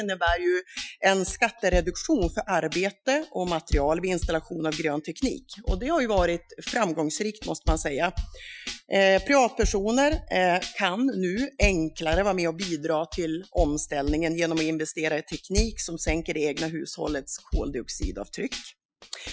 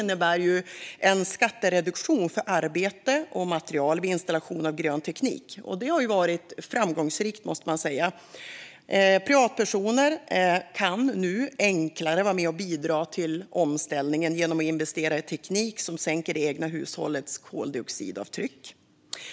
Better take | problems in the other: second | noise reduction (classical method Wiener filter)

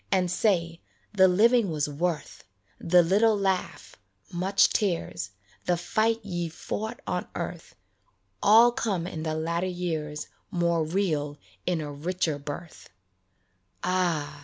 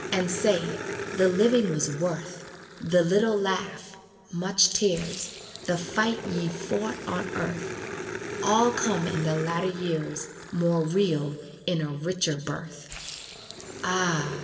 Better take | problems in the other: first | background sound (Growling); 10 dB below the speech // room echo; dies away in 1.4 s

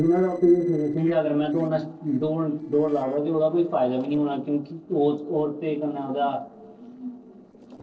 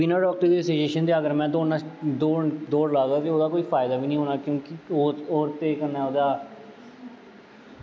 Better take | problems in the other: second | noise reduction (neural separator model SepFormer DNS4)

